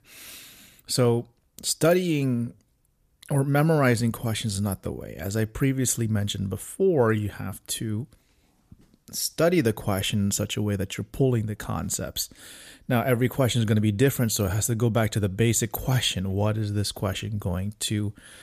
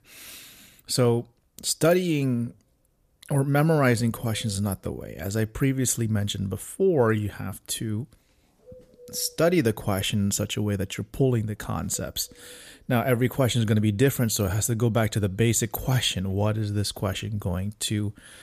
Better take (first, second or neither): first